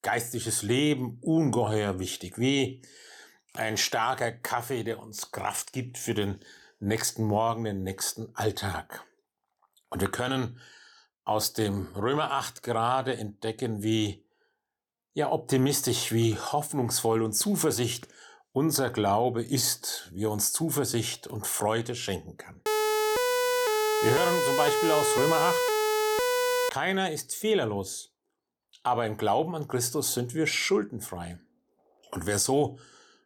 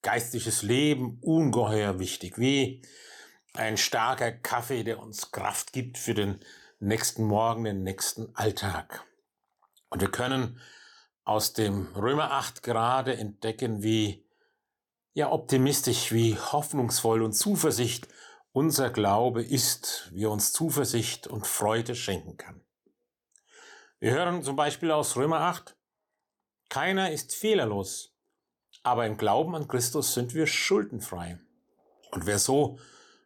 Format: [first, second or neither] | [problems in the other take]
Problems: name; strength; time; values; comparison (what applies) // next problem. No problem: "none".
second | siren; loud; from 23 to 27 s; peak 3 dB above the speech